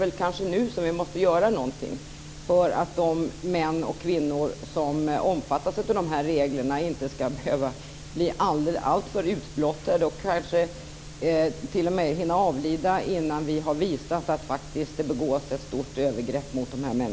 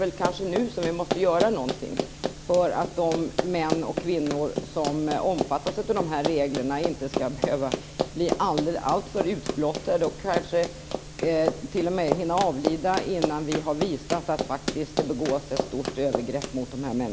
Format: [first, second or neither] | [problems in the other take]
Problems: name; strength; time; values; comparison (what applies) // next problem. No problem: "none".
first | background sound (Run); 6 dB below the speech